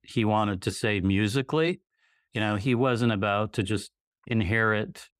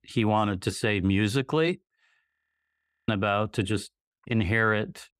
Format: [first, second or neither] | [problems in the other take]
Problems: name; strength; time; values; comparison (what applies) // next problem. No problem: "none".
first | audio freezing; at 2.5 s for 1 s